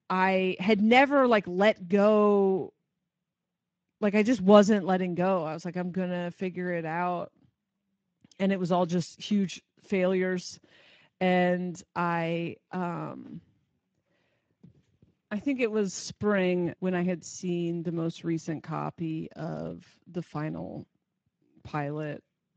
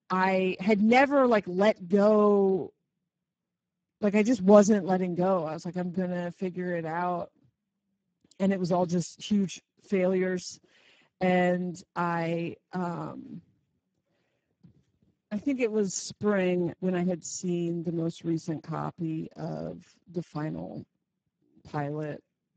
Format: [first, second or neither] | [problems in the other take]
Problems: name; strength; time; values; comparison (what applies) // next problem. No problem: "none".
first | garbled, watery; badly; nothing above 7.5 kHz; slightly in the first